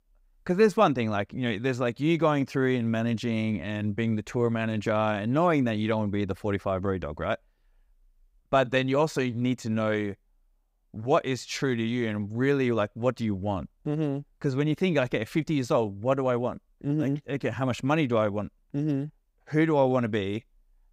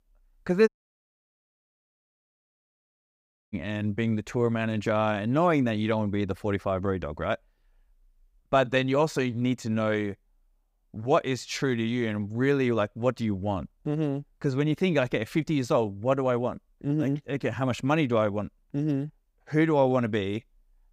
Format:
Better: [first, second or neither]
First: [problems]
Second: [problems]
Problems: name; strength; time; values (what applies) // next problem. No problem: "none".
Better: first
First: none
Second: audio cutting out; at 0.5 s for 3 s